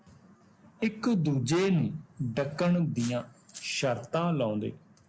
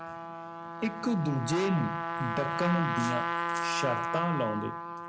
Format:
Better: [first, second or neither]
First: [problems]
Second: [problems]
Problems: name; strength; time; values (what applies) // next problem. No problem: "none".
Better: first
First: none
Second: background sound (Trumpet); 2 dB below the speech